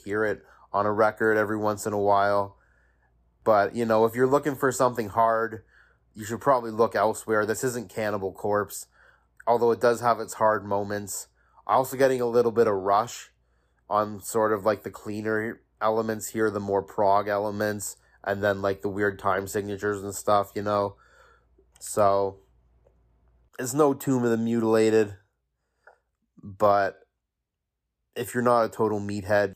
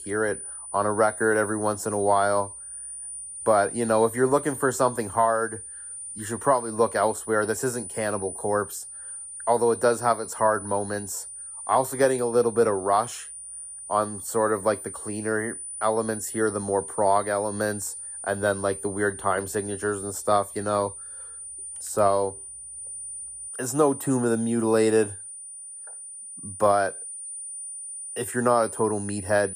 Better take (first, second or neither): first